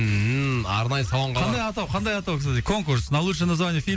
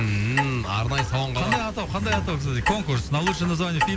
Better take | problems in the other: first | background sound (Clock); 4 dB below the speech

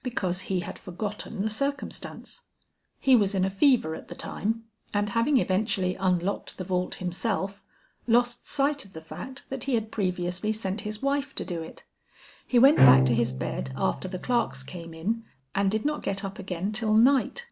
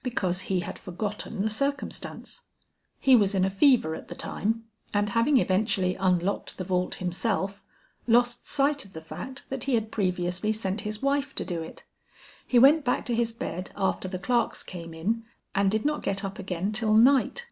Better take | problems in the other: second | background sound (Bowed string instrument); as loud as the speech

